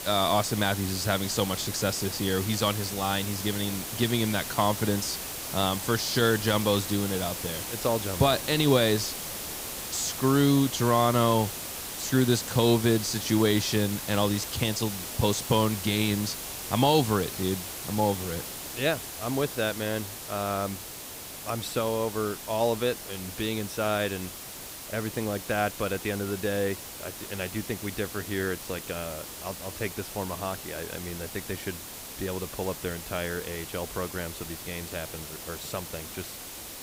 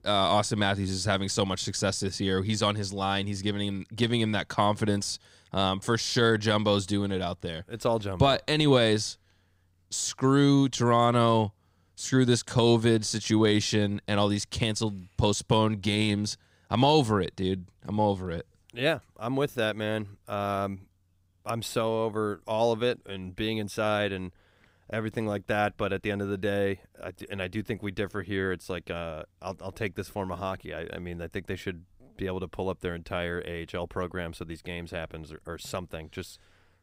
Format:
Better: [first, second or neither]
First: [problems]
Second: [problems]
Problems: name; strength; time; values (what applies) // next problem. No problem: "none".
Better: second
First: hiss; loud; throughout; 7 dB below the speech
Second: none